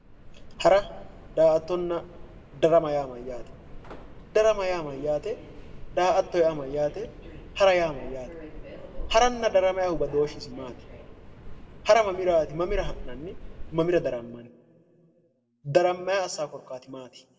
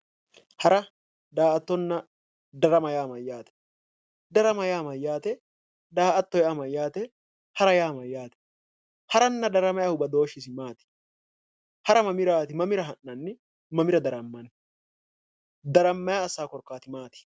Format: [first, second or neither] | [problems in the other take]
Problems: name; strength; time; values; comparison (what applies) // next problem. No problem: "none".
second | background sound (Subway, metro, underground); 13 dB below the speech // room echo; dies away in 0.6 s